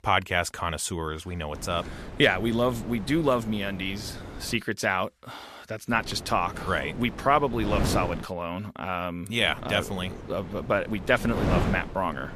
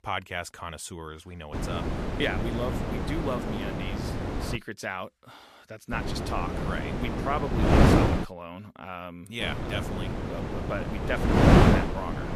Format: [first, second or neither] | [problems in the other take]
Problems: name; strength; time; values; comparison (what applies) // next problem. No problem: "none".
first | wind noise on the microphone; heavy; from 1.5 to 4.5 s, from 6 to 8 s and from 9.5 s on; 4 dB above the speech; occasional gusts in the first